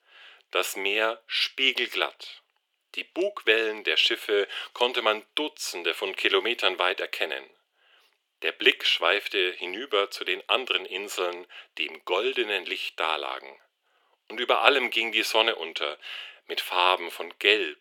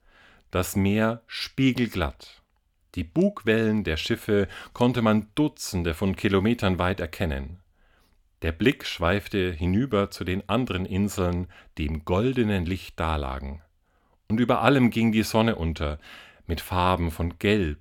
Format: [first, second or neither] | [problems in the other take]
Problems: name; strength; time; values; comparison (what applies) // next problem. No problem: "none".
second | thin; very; fading below 350 Hz